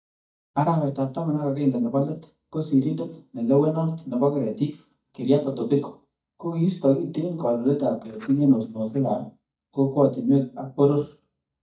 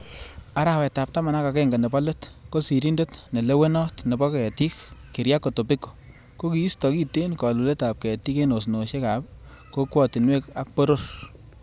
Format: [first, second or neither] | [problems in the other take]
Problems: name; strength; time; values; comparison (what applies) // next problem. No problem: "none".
second | noise reduction (neural mask model DeepFilterNet 3)